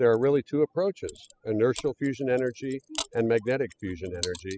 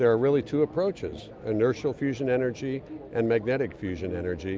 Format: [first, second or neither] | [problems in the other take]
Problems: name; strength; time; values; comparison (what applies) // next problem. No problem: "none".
second | noise reduction (classical method spectral subtraction)